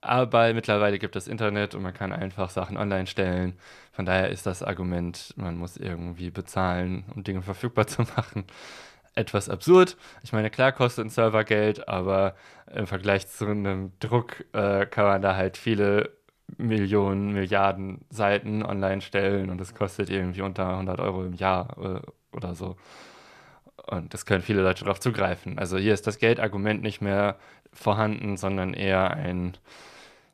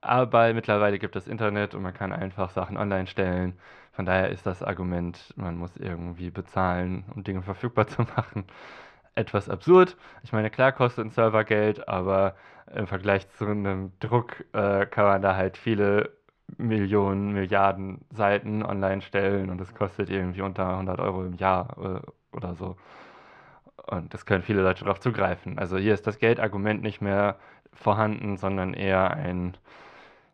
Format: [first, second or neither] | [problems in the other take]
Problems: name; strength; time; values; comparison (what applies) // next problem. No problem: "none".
first | muffled; slightly; fading above 3 kHz